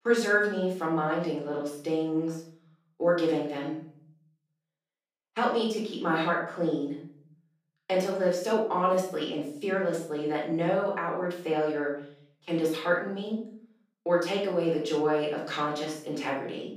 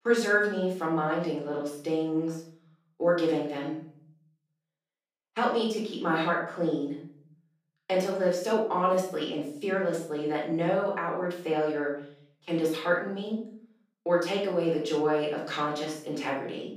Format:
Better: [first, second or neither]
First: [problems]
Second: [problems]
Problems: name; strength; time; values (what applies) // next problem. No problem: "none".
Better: neither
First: off-mic speech; far // room echo; noticeable; dies away in 0.5 s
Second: off-mic speech; far // room echo; noticeable; dies away in 0.5 s